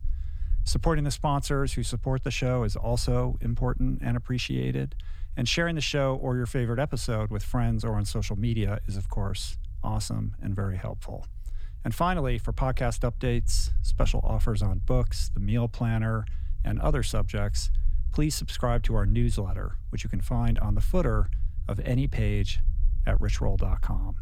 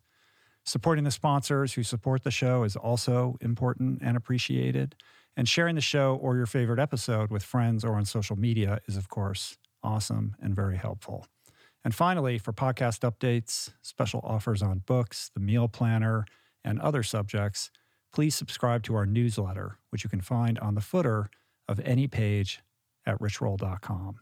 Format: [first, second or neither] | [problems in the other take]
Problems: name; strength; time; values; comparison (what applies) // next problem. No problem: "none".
second | low rumble; faint; throughout; 25 dB below the speech